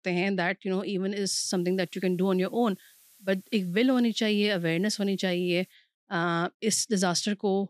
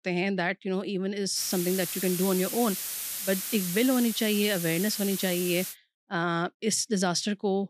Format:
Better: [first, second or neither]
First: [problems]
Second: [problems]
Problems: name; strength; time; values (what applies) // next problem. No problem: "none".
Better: first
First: hiss; faint; from 1.5 to 5.5 s; 30 dB below the speech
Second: hiss; loud; from 1.5 to 5.5 s; 4 dB below the speech